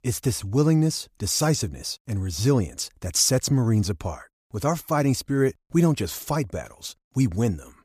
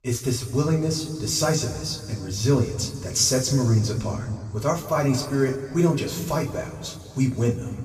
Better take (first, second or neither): first